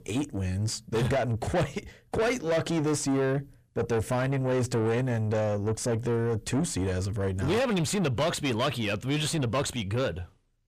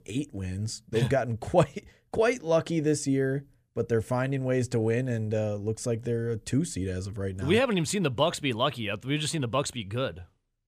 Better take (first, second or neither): second